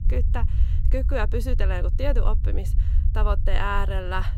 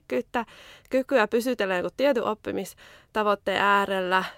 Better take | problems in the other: second | low rumble; noticeable; throughout; 15 dB below the speech

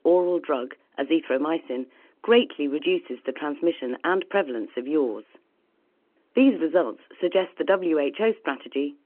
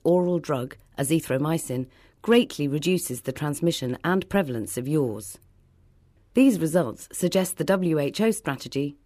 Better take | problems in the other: second | phone-call audio

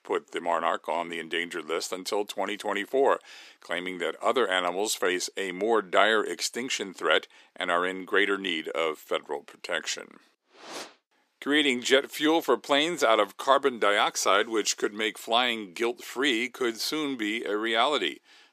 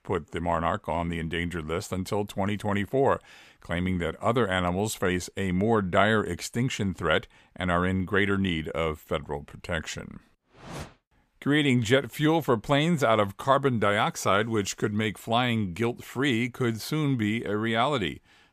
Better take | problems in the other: second | thin; somewhat; fading below 300 Hz

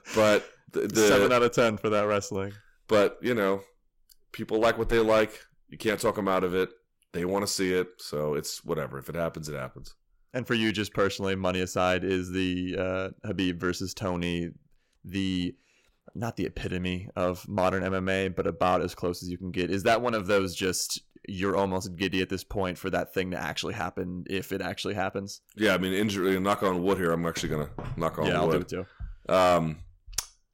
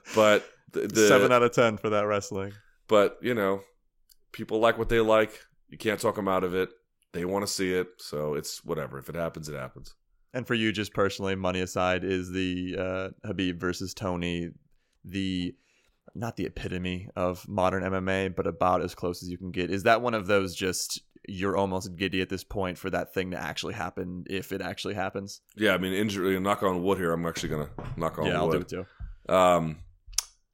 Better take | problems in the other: second | distortion; slight; 3% of the sound clipped

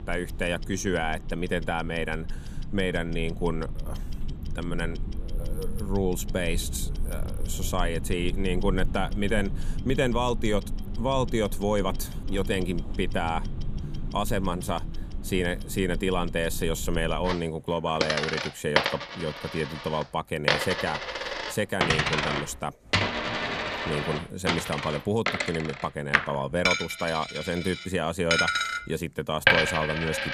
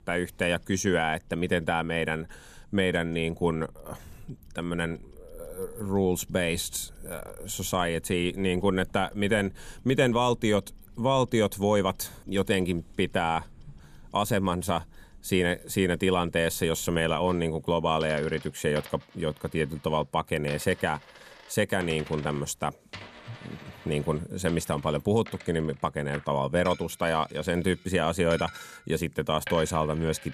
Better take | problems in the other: second | household noises; loud; throughout; 1 dB below the speech; faint in the second

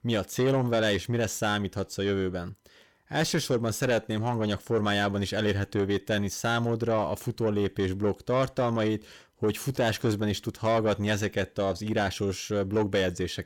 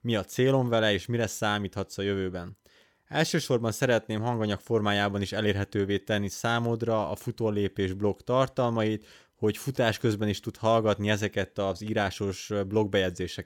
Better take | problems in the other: second | distortion; slight; 10 dB below the speech

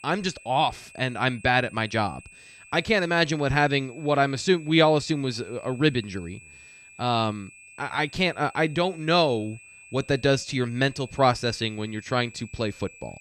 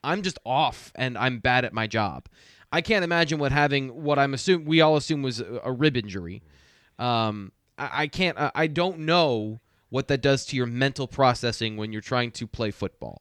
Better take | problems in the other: second | high-pitched whine; faint; throughout; 2.5 kHz, 20 dB below the speech

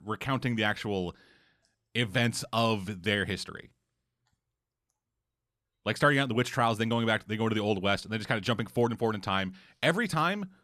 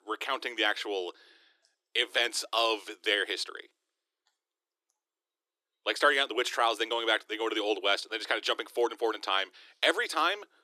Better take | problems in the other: first | thin; very; fading below 300 Hz

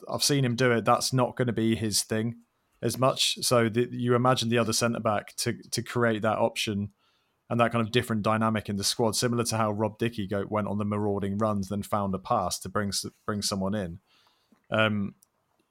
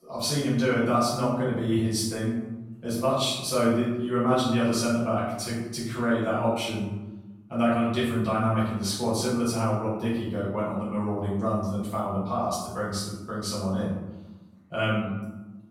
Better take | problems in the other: first | off-mic speech; far // room echo; noticeable; dies away in 0.9 s

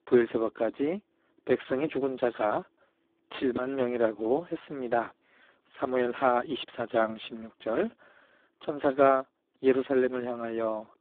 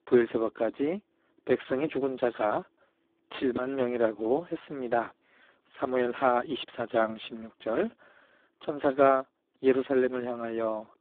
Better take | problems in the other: neither | phone-call audio; poor line; nothing above 3.5 kHz; the same in both

